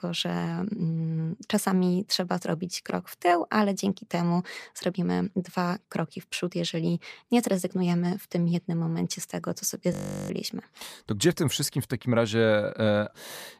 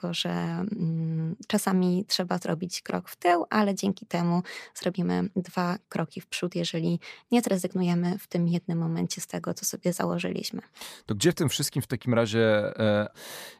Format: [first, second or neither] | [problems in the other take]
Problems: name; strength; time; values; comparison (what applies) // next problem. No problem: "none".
second | audio freezing; at 10 s